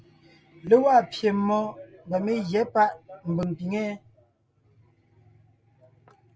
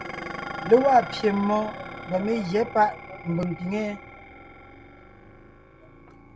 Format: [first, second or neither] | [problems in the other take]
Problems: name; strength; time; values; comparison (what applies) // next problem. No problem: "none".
first | background sound (Dishes, pots, and pans); 12 dB below the speech